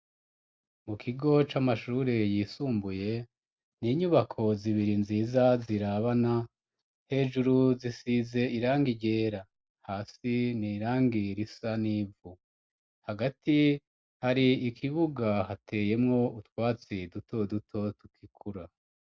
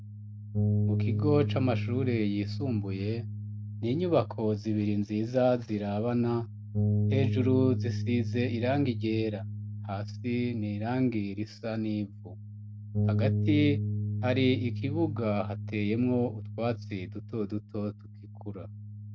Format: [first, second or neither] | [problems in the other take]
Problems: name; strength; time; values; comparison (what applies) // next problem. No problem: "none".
first | background sound (Bass guitar); 2 dB below the speech